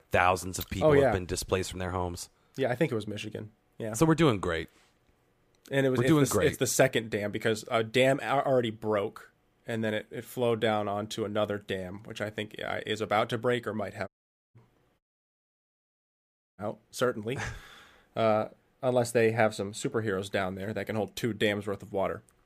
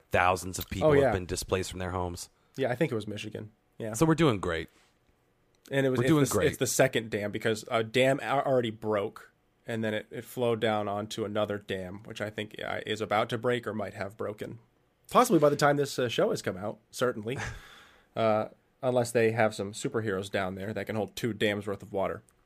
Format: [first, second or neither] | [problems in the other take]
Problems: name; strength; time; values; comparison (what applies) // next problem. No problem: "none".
second | audio cutting out; at 14 s and at 15 s for 1.5 s